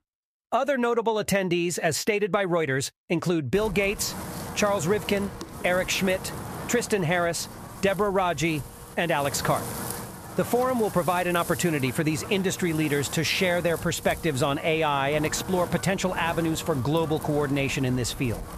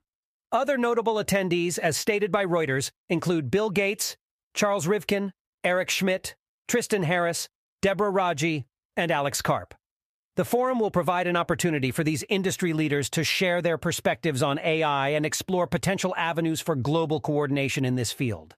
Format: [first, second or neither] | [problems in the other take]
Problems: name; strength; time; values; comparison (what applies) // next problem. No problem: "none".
second | wind noise on the microphone; occasional gusts; from 3.5 s on; 15 dB below the speech